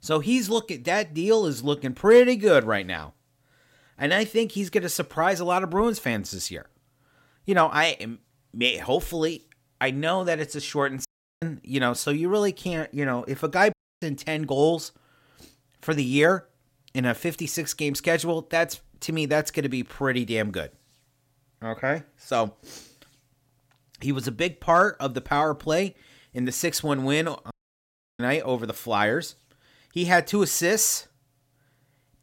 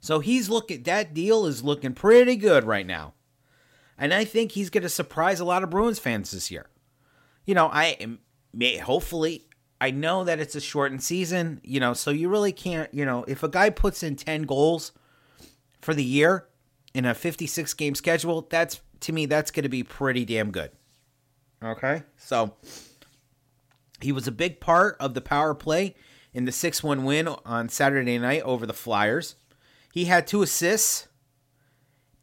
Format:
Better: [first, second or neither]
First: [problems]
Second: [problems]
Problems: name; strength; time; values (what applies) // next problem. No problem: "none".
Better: second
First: audio cutting out; at 11 s, at 14 s and at 28 s for 0.5 s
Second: none